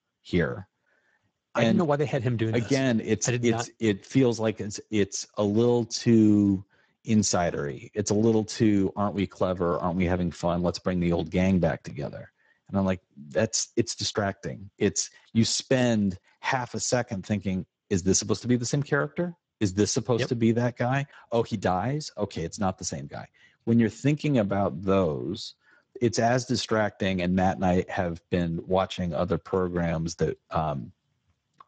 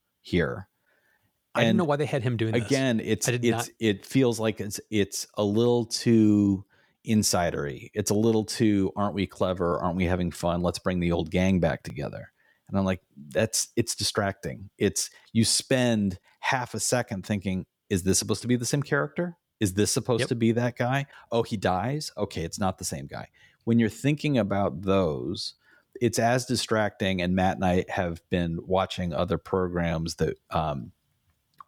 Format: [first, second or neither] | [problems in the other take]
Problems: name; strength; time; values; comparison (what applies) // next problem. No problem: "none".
second | garbled, watery; badly; nothing above 7.5 kHz